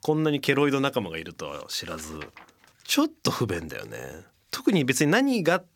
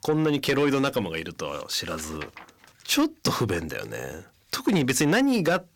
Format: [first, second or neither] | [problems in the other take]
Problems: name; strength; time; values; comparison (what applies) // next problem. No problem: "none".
first | distortion; slight; 10 dB below the speech